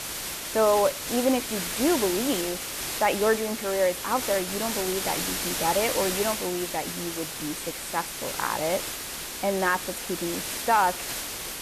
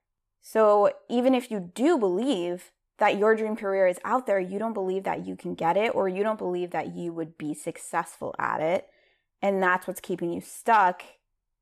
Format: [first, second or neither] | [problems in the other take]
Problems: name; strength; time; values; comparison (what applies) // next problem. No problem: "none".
second | hiss; loud; throughout; 3 dB below the speech